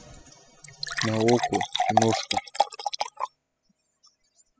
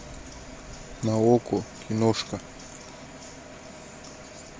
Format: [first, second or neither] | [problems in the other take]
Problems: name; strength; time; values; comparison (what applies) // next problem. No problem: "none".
second | noise reduction (classical method spectral subtraction)